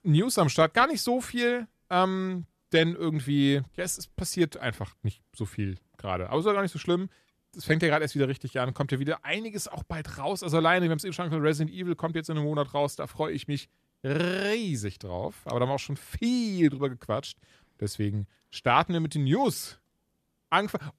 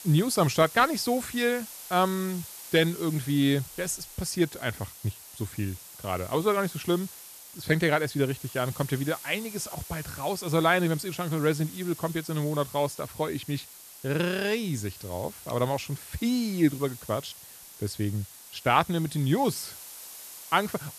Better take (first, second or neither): first